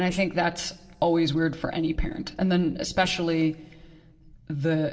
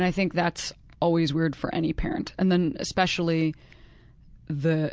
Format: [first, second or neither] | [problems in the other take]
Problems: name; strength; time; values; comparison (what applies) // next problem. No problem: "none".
second | noise reduction (neural separator model SepFormer DNS4)